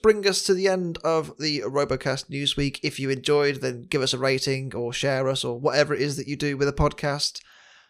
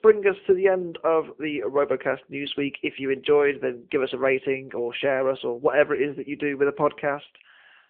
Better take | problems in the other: first | phone-call audio; nothing above 3.5 kHz

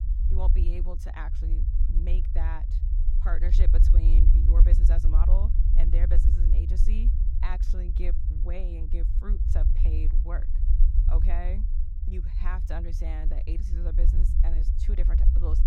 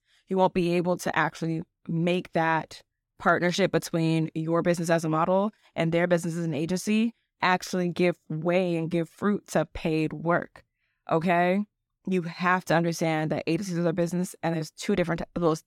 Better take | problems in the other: second | low rumble; loud; throughout; 3 dB below the speech

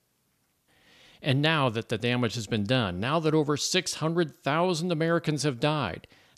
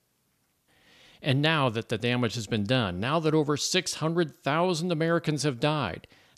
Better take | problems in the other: neither | none

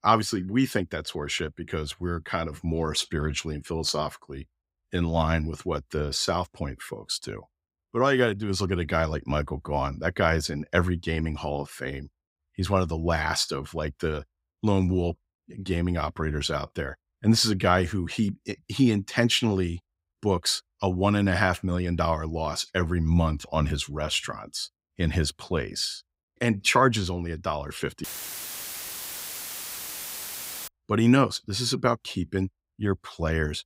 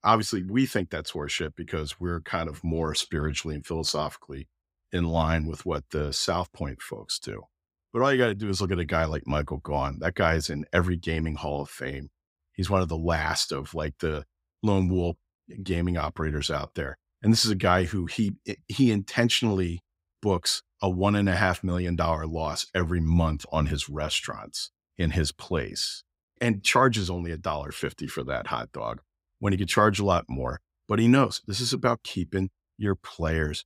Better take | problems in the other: second | audio cutting out; filled with static; at 28 s for 2.5 s

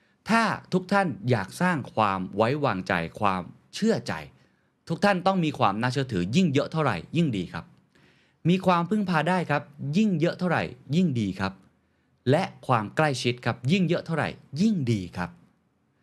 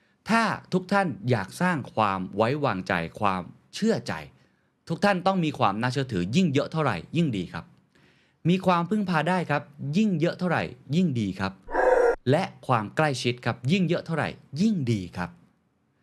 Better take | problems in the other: first | dog barking; loud; at 12 s; peak 5 dB above the speech

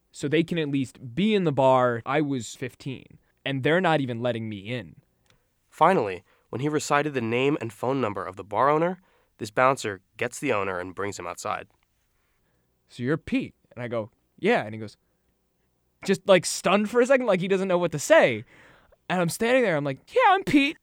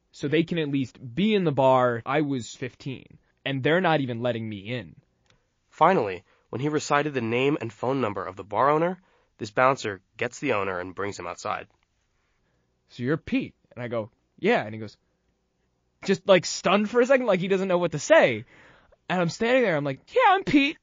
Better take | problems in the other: first | garbled, watery; slightly

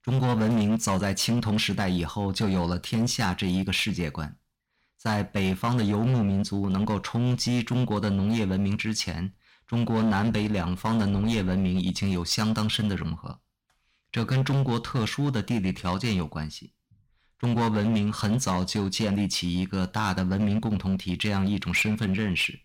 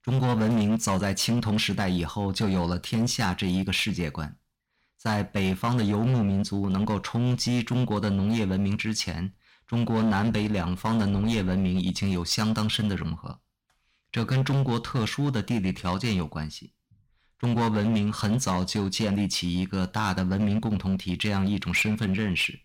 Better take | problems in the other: neither | distortion; slight; 13% of the sound clipped; the same in both

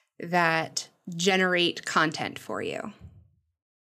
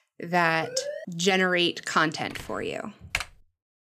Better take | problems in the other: first | siren; noticeable; at 0.5 s; peak 9 dB below the speech // door banging; faint; at 2.5 s; peak 15 dB below the speech // keyboard typing; noticeable; at 3 s; peak 6 dB below the speech

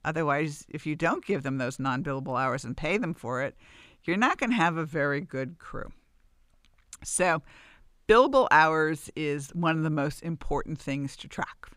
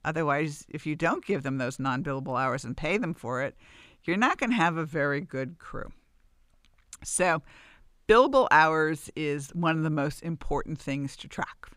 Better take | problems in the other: neither | none

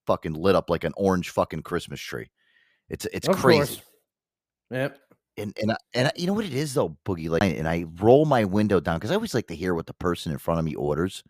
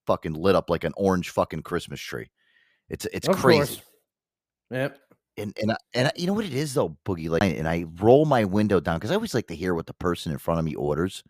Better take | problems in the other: neither | none

